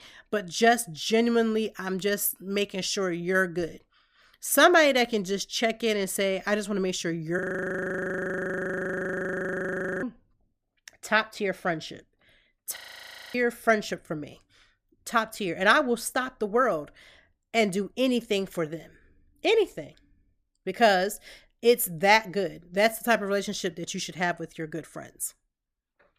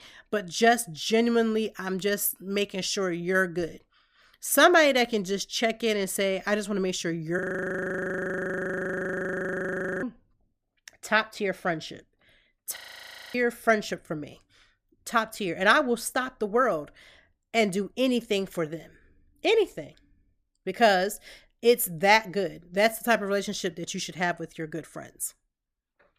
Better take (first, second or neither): neither